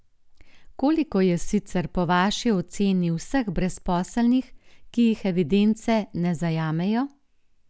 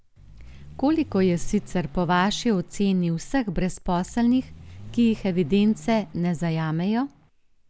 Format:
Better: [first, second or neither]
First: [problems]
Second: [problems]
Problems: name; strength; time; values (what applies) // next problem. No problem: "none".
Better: first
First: none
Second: background sound (Vehicle); 20 dB below the speech